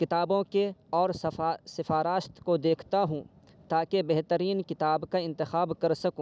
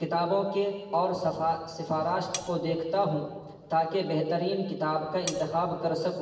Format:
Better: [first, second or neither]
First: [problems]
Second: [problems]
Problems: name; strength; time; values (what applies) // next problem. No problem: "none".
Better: first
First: none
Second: background sound (Cutlery, silverware); 11 dB below the speech // room echo; dies away in 1.3 s